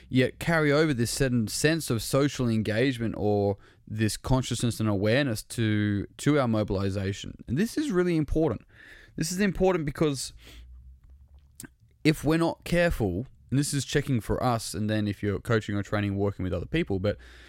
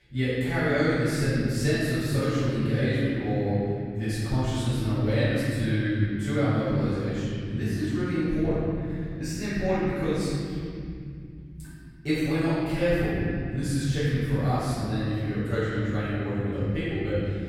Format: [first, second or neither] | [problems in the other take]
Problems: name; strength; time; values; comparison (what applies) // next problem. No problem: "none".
first | room echo; strong; dies away in 3 s // off-mic speech; far